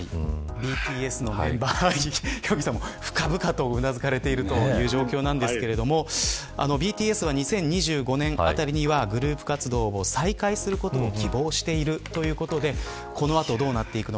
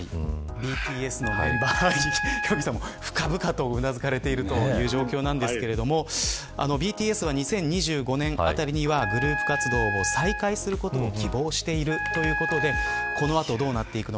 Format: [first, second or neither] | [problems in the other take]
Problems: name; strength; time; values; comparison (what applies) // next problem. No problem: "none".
first | background sound (Wind instrument, woodwind instrument); 4 dB below the speech